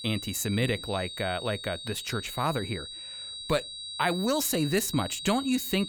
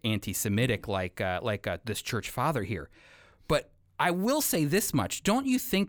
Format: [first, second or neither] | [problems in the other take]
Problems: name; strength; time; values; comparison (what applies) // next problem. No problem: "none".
second | high-pitched whine; loud; throughout; 4 kHz, 8 dB below the speech